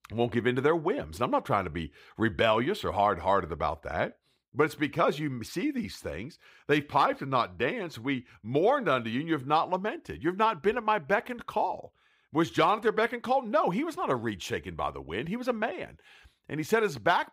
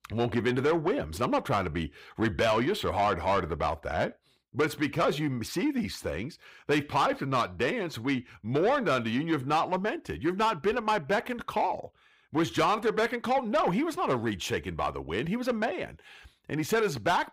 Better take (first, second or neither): first